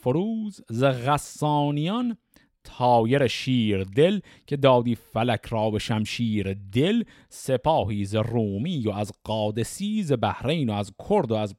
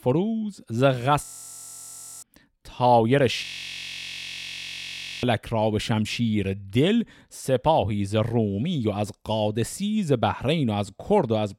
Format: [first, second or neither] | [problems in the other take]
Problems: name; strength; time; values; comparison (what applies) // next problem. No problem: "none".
first | audio freezing; at 1 s for 1 s and at 3.5 s for 2 s